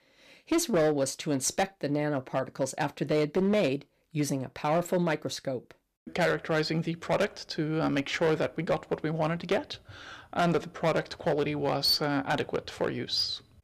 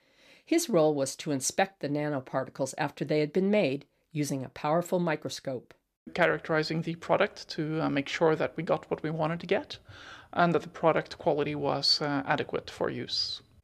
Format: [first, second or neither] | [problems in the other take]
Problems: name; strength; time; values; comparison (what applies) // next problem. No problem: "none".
second | distortion; slight; 6% of the sound clipped